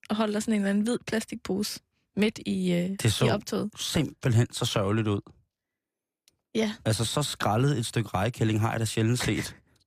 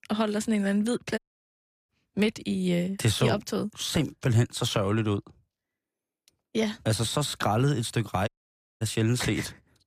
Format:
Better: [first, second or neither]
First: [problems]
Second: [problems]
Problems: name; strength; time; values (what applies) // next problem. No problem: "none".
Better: first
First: none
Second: audio cutting out; at 1 s for 0.5 s and at 8.5 s for 0.5 s